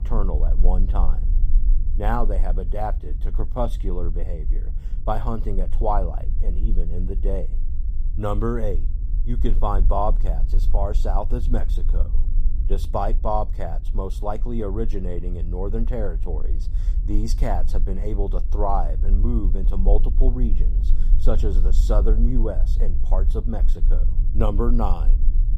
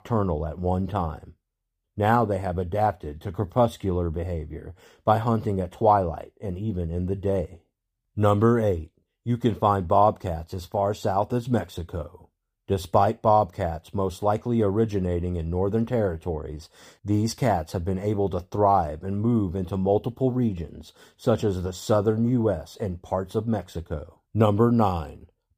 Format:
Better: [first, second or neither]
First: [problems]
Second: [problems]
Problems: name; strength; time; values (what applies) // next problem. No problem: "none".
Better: second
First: low rumble; noticeable; throughout; 20 dB below the speech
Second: none